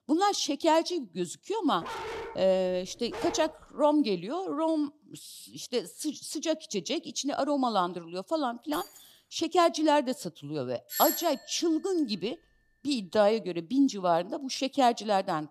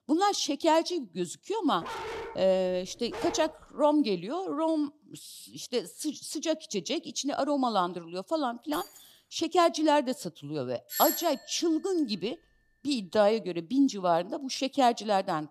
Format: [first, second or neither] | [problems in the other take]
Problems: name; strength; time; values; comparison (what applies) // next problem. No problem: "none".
neither | dog barking; noticeable; from 2 to 3.5 s; peak 8 dB below the speech; the same in both // jangling keys; faint; at 8.5 s; peak 15 dB below the speech; the same in both // doorbell; noticeable; at 11 s; peak level with the speech; the same in both